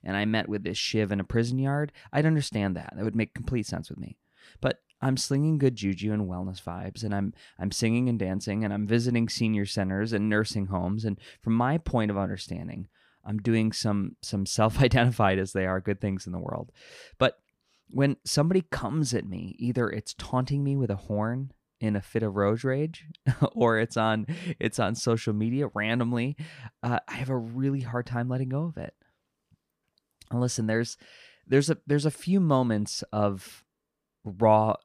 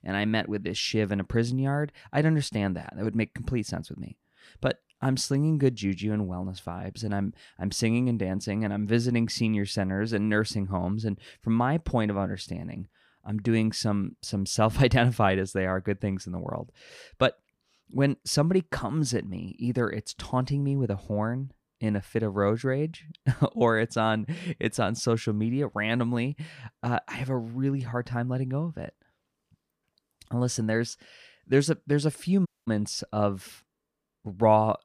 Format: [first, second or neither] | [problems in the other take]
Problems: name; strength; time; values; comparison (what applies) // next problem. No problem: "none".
first | audio cutting out; at 32 s